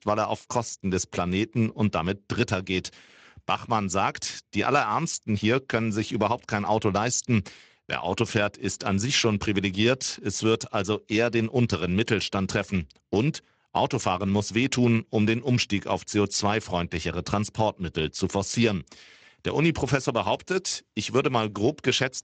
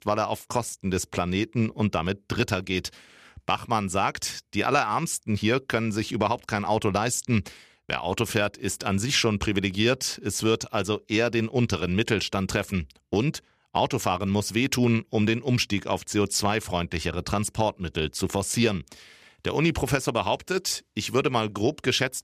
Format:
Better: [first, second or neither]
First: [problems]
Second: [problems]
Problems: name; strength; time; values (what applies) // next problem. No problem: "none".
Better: second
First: garbled, watery; slightly; nothing above 7.5 kHz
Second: none